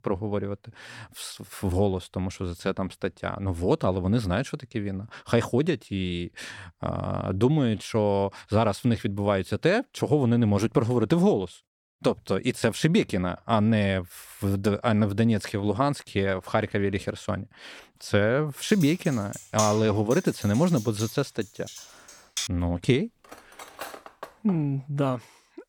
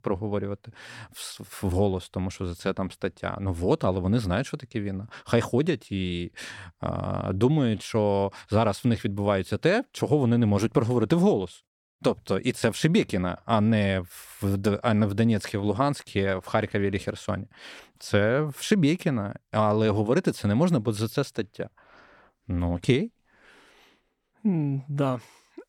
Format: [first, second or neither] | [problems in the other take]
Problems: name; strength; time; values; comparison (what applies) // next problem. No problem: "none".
second | keyboard typing; noticeable; from 19 to 22 s; peak 5 dB below the speech // clattering dishes; faint; from 23 to 25 s; peak 15 dB below the speech